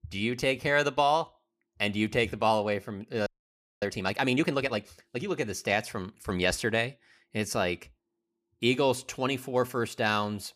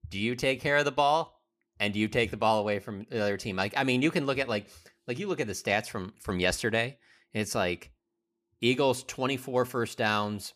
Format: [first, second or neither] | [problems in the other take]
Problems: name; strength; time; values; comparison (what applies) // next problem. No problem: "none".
second | audio freezing; at 3.5 s for 0.5 s